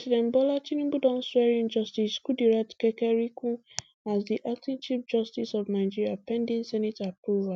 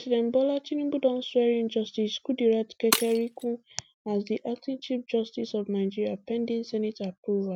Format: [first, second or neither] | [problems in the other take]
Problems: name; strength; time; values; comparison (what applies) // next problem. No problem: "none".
first | background sound (Shatter); 9 dB below the speech